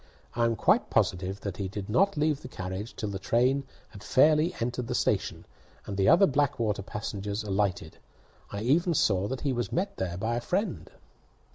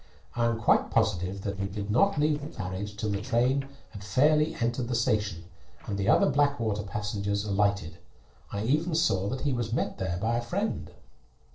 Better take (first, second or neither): first